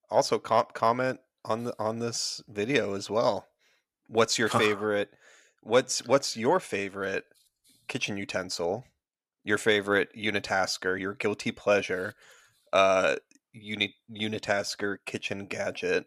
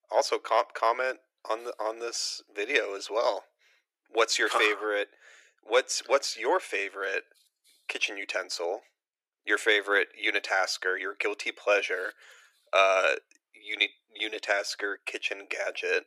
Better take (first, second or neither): first